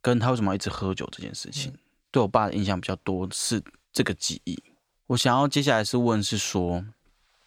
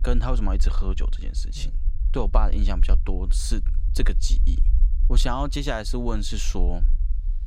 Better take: first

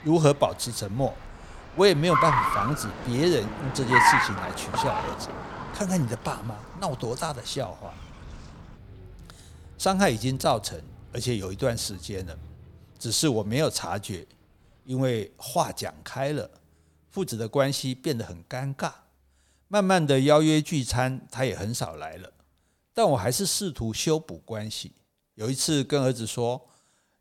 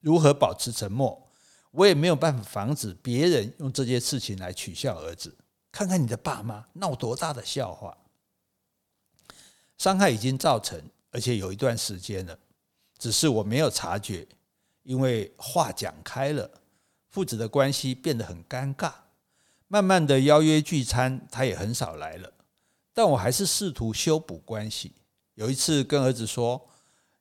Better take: second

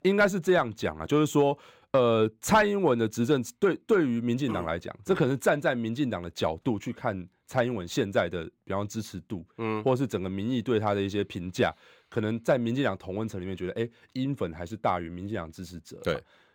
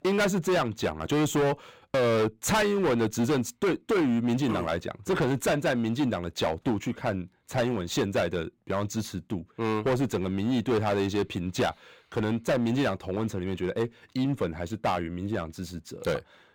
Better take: first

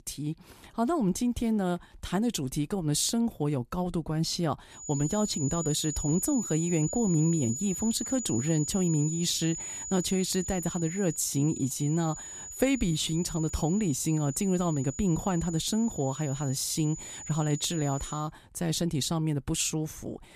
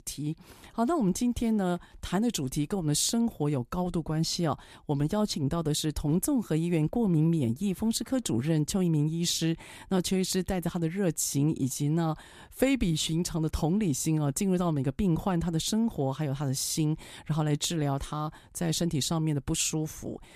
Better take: second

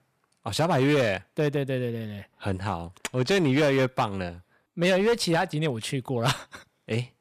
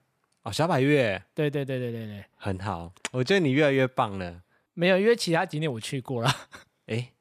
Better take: second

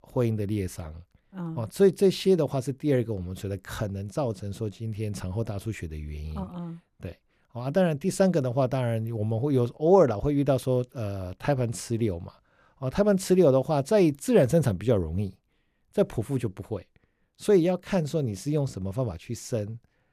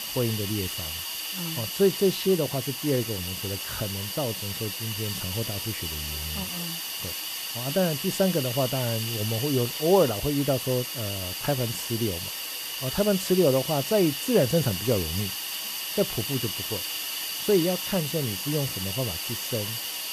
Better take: first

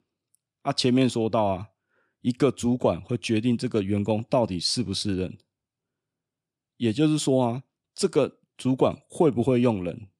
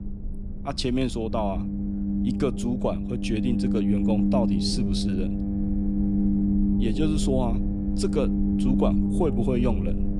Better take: first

